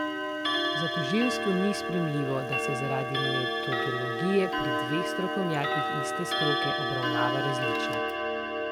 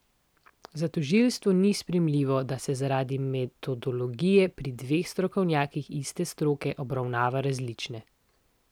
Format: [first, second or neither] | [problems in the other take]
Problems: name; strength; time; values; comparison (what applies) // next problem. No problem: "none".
second | background sound (Clock); 2 dB above the speech